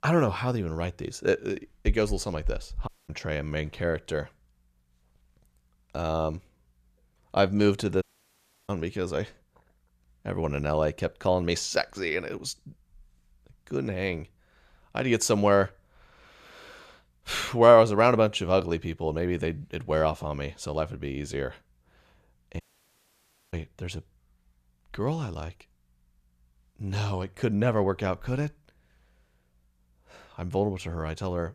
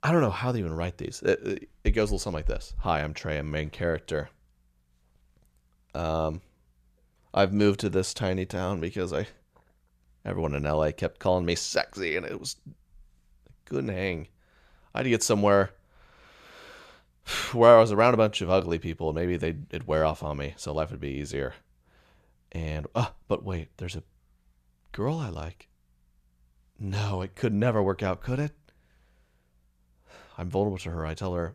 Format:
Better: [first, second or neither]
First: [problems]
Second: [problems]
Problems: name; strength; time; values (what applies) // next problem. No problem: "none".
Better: second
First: audio cutting out; at 3 s, at 8 s for 0.5 s and at 23 s for 1 s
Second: none